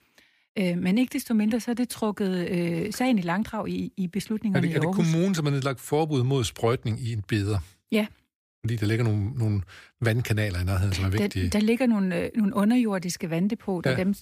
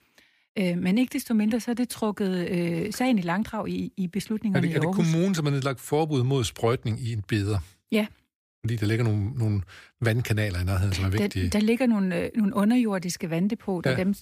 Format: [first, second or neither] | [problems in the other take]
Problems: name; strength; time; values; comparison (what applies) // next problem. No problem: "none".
neither | none